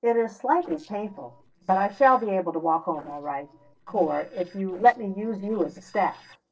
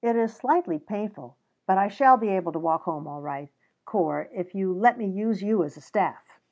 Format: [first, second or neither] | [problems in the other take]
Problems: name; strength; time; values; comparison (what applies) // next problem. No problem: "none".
second | noise reduction (neural separator model SepFormer DNS4)